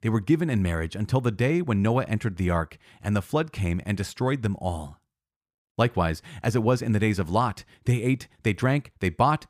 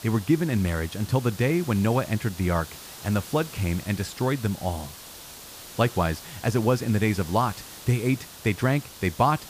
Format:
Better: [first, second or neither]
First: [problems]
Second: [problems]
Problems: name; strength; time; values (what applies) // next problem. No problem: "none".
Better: first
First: none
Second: hiss; noticeable; throughout; 15 dB below the speech